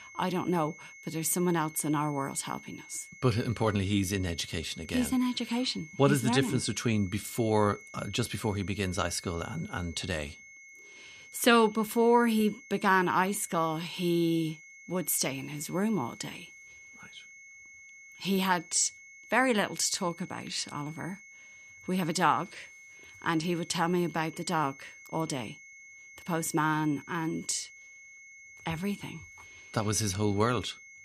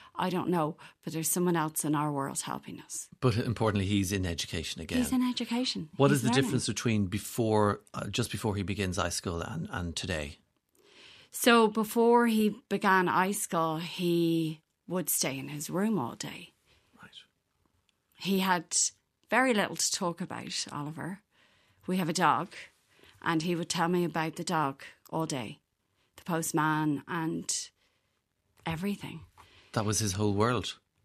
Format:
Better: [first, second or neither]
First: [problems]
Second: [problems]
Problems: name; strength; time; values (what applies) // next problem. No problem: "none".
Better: second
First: high-pitched whine; noticeable; throughout; 2 kHz, 20 dB below the speech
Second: none